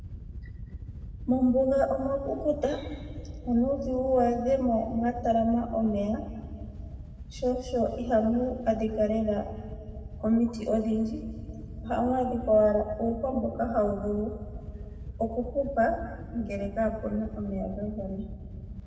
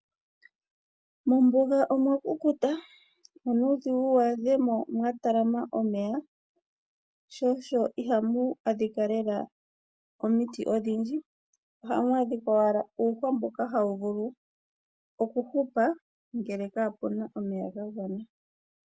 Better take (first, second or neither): second